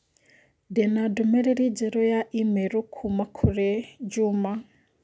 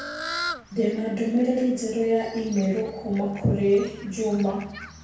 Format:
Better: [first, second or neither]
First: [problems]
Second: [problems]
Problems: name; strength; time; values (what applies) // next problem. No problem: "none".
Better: first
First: none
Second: background sound (Fowl); 13 dB below the speech // room echo; dies away in 0.7 s